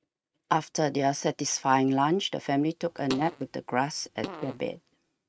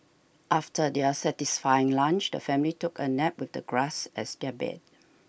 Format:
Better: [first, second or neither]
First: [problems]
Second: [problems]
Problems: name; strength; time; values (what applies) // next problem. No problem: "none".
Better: second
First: noise reduction (neural mask model RNNoise)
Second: none